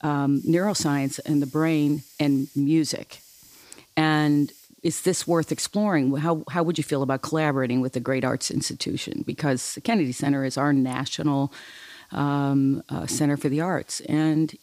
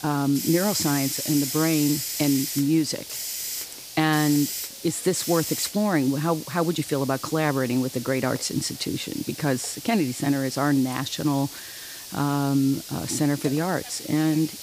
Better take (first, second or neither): first